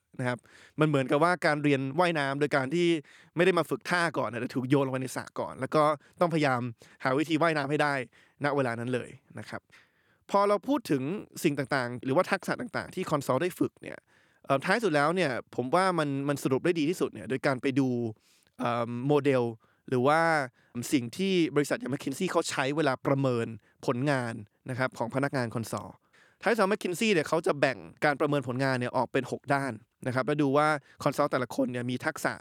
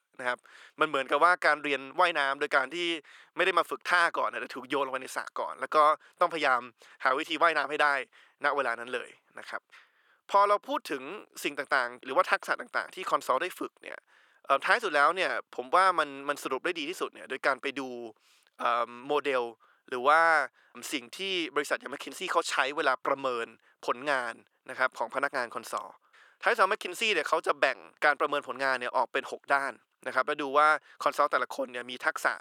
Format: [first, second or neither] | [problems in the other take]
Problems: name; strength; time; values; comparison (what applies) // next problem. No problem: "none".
first | thin; very; fading below 550 Hz